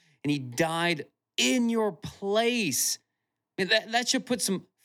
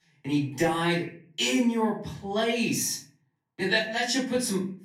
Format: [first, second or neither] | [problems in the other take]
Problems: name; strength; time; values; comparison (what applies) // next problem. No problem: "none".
first | off-mic speech; far // room echo; slight; dies away in 0.4 s